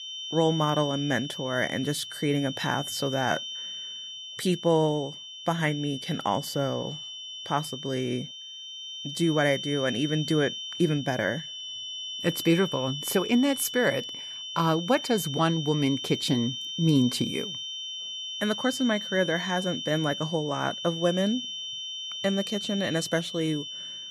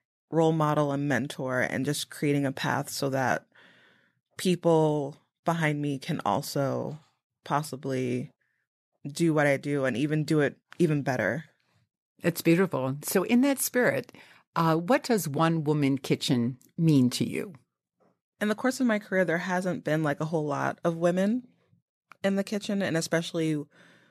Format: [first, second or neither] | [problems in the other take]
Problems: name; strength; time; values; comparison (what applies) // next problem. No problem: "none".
second | high-pitched whine; loud; throughout; 3 kHz, 7 dB below the speech